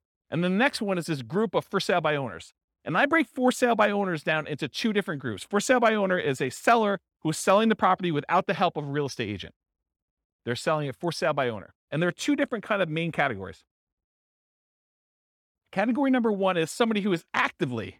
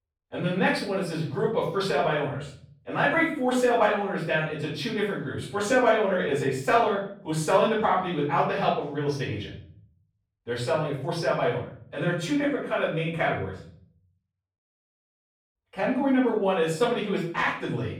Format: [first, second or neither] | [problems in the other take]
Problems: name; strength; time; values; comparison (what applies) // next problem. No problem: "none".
first | off-mic speech; far // room echo; noticeable; dies away in 0.5 s